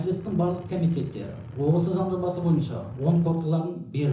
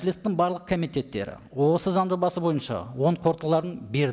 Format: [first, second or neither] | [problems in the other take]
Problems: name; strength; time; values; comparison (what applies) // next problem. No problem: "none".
second | background sound (Truck); 16 dB below the speech // room echo; dies away in 0.7 s